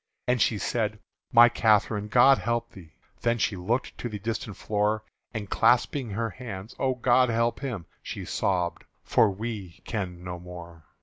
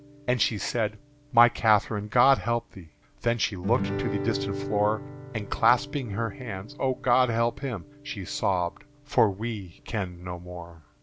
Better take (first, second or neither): first